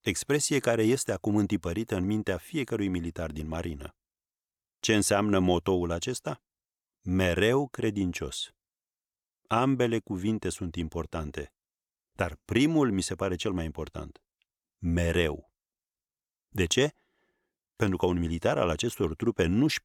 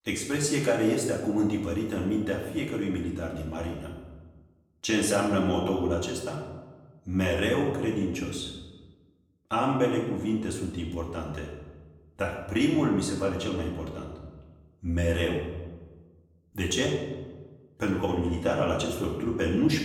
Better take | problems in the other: first | off-mic speech; far // room echo; noticeable; dies away in 1 s

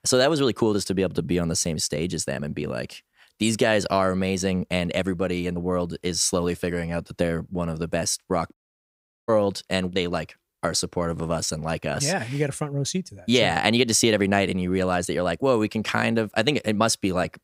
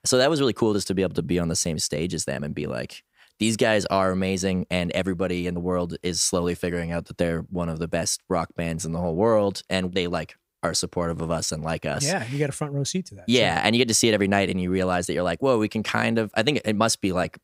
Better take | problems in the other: second | audio cutting out; at 8.5 s for 0.5 s

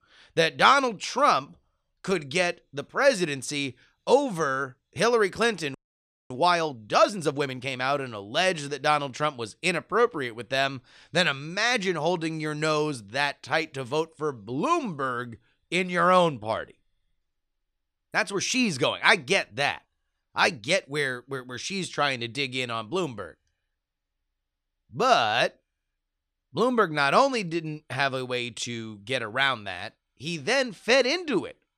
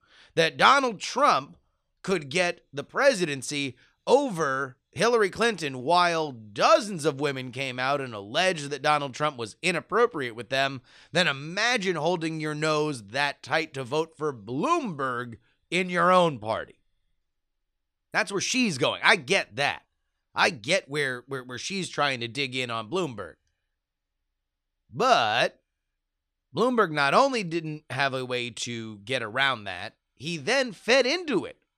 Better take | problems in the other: second | audio freezing; at 6 s for 0.5 s

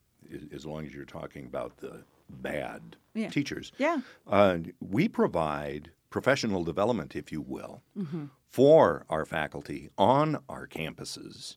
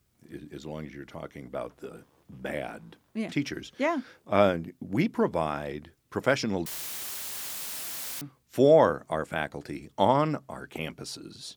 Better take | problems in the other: first | audio cutting out; filled with static; at 6.5 s for 1.5 s

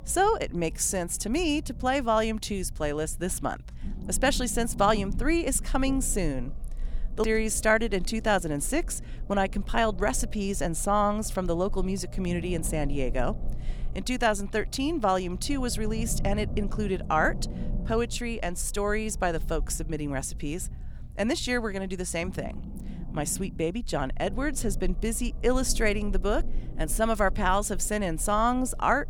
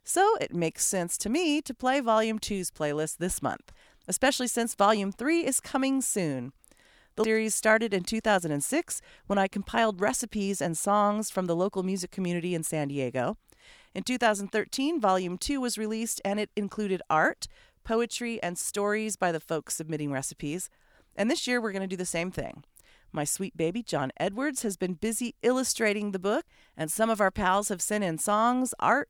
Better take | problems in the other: second | low rumble; faint; throughout; 20 dB below the speech

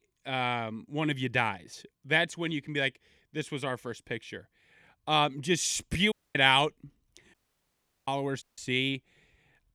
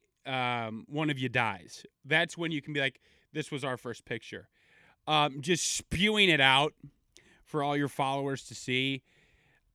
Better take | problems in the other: second | audio cutting out; at 6 s, at 7.5 s for 0.5 s and at 8.5 s

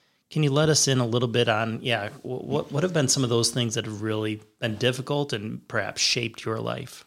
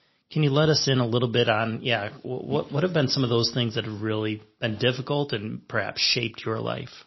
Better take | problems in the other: first | garbled, watery; slightly; nothing above 5.5 kHz

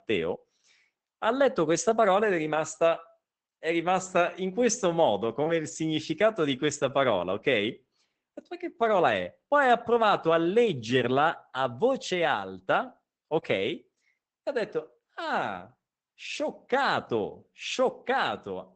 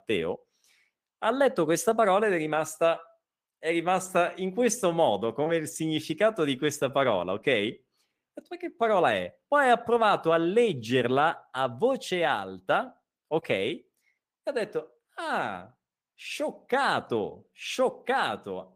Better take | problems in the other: second | garbled, watery; badly; nothing above 8 kHz; slightly in the second

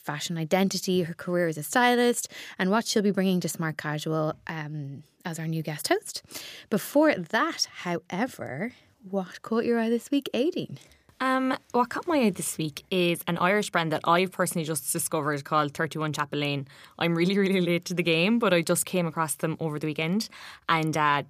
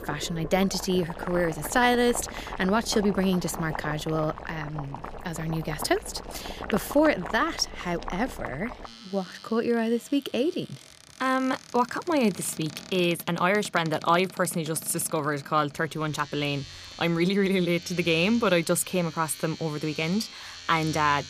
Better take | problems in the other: first | household noises; noticeable; throughout; 15 dB below the speech

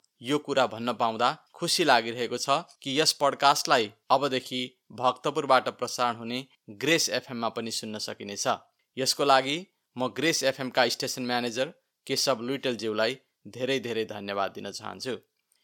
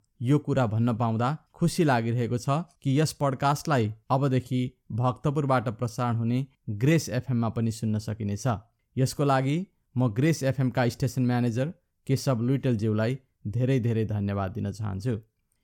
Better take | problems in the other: second | thin; very; fading below 450 Hz

